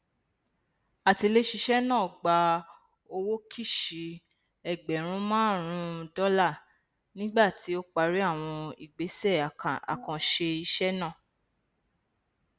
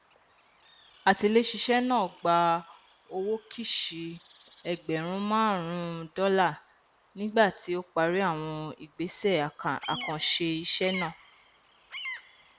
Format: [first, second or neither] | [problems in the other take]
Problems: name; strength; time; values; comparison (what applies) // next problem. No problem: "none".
first | background sound (Bird vocalization, bird call, bird song); 18 dB below the speech